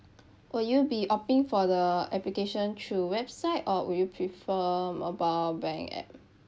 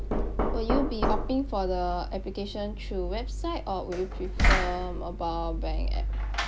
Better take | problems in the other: first | background sound (Knock); 4 dB above the speech

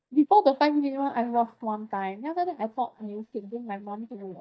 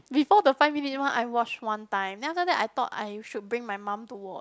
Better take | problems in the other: second | noise reduction (neural mask model DeepFilterNet 3)

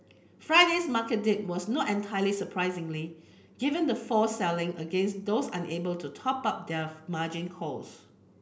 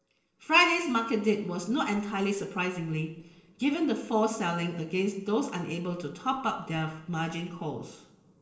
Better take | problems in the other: first | noise reduction (neural separator model SepFormer DNS4)

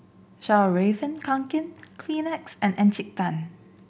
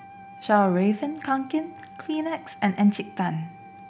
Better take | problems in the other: first | background sound (Wind instrument, woodwind instrument); 20 dB below the speech

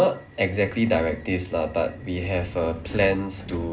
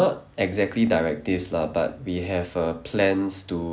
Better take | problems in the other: second | background sound (Subway, metro, underground); 15 dB below the speech // room echo; dies away in 0.2 s

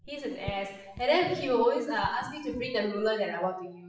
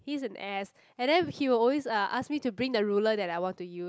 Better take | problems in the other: second | noise reduction (classical method WPE with log-MMSE)

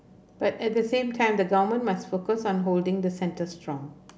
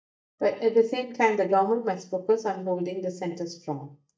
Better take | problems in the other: first | noise reduction (neural mask model DeepFilterNet 3)

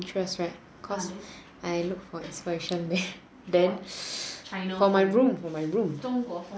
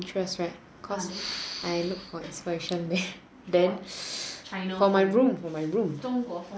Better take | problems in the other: first | background sound (Respiratory sounds); 10 dB below the speech

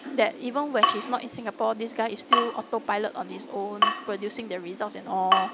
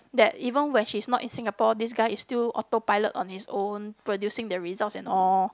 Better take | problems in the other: second | background sound (Drip / Water tap, faucet); 1 dB below the speech

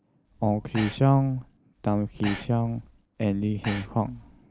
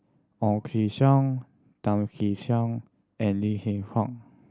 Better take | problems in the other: second | background sound (Breathing); 15 dB below the speech

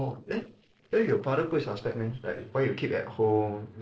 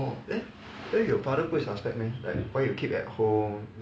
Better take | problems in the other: second | noise reduction (neural separator model SepFormer DNS4)

